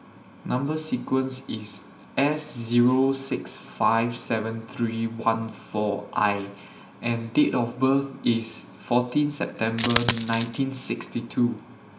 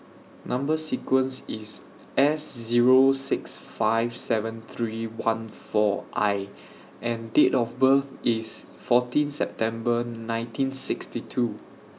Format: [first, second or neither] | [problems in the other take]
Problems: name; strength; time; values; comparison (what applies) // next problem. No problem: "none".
second | background sound (Coin (dropping)); 3 dB below the speech // room echo; dies away in 0.8 s